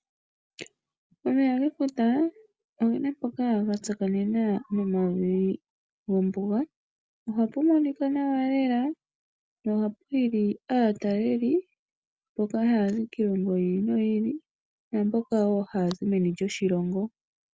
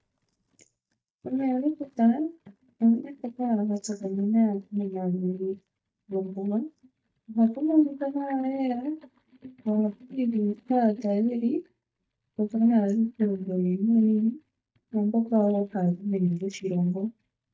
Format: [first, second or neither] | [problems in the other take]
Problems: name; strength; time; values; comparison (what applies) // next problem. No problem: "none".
first | noise reduction (neural mask model DeepFilterNet 3)